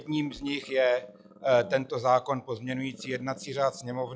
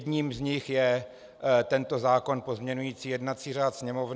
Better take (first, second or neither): second